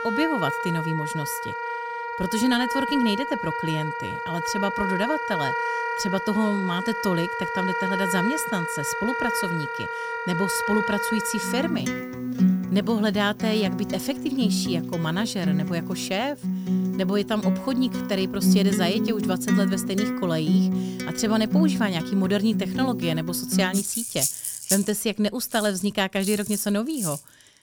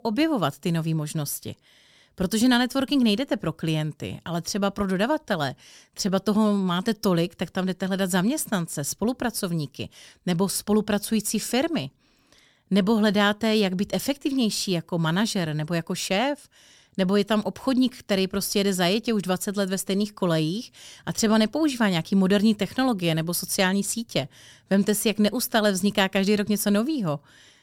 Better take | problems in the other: second | background music; loud; throughout; 1 dB below the speech

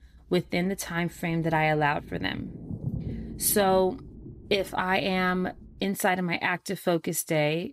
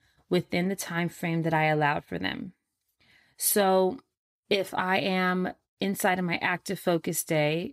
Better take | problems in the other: second | low rumble; faint; until 6 s; 20 dB below the speech

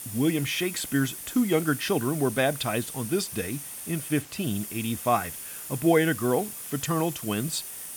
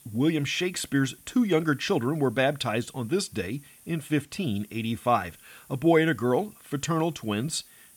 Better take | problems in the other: second | hiss; loud; throughout; 8 dB below the speech; faint in the second

